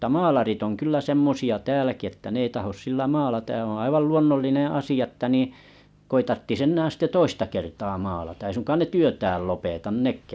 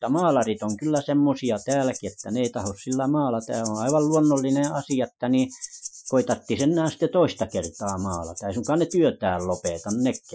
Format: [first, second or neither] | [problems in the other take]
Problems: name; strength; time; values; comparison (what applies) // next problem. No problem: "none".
first | noise reduction (classical method Wiener filter)